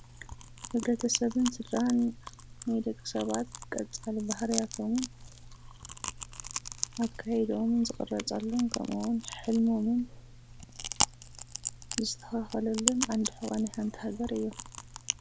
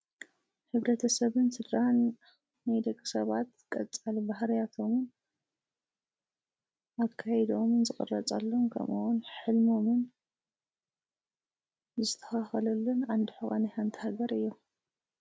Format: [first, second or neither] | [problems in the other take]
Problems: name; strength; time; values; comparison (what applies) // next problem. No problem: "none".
second | background sound (Chewing, mastication); 7 dB below the speech